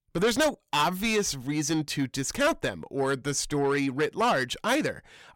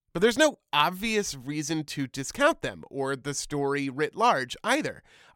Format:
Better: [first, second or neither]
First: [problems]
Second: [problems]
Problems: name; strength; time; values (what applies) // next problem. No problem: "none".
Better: second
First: distortion; heavy; 7 dB below the speech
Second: none